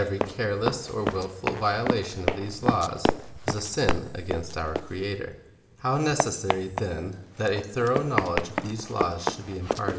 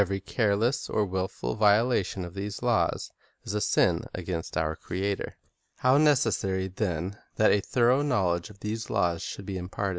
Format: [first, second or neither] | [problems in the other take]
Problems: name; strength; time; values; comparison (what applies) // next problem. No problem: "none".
second | background sound (Run); 2 dB below the speech // room echo; dies away in 1.6 s